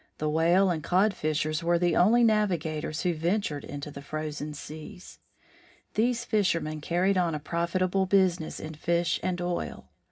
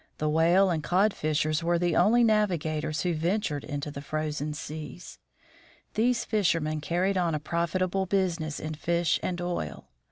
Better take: second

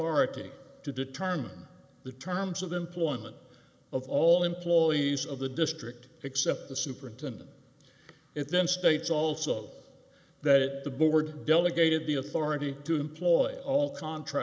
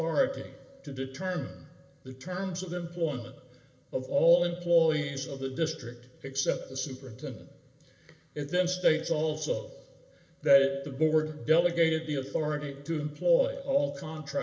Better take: first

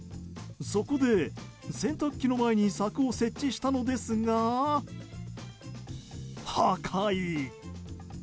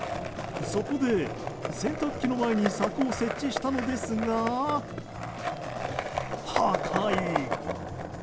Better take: first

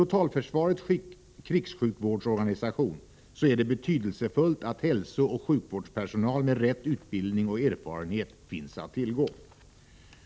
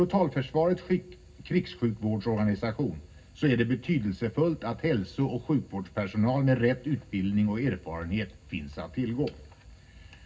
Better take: first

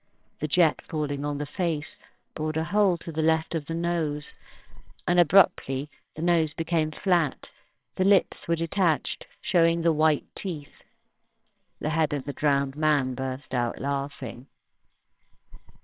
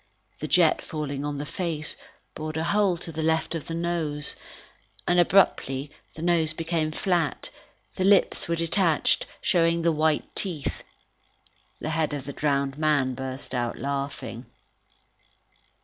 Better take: second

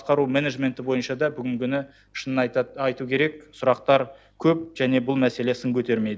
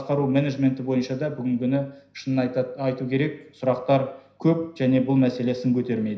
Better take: first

